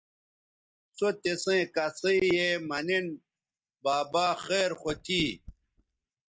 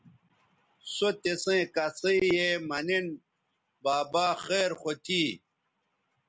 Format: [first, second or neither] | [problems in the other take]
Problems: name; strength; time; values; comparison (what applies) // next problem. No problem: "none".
second | noise reduction (neural mask model DeepFilterNet 3)